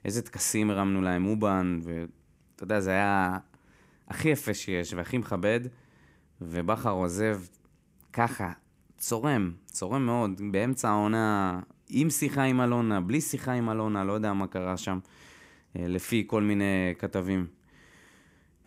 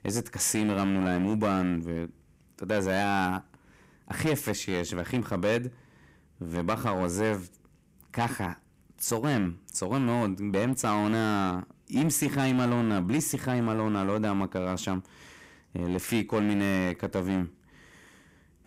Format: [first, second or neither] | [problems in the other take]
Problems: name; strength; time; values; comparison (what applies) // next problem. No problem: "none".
first | distortion; slight; 7% of the sound clipped